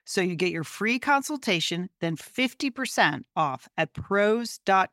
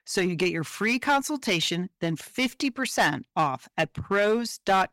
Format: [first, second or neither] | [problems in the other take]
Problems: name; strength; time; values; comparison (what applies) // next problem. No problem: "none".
first | distortion; slight; 5% of the sound clipped